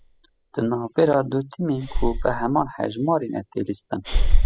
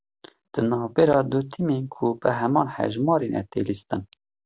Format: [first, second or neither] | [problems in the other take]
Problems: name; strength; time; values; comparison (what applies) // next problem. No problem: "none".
second | noise reduction (classical method spectral subtraction)